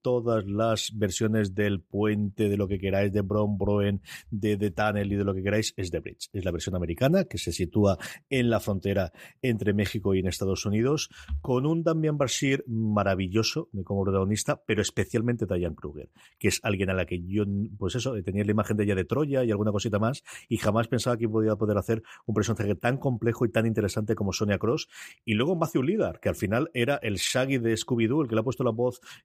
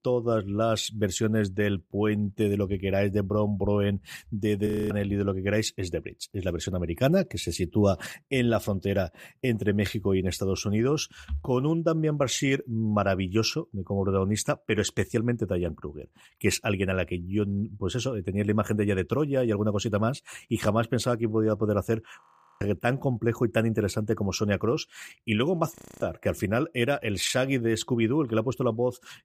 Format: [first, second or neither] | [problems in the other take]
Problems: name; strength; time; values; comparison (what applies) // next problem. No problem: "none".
first | audio freezing; at 4.5 s, at 22 s and at 26 s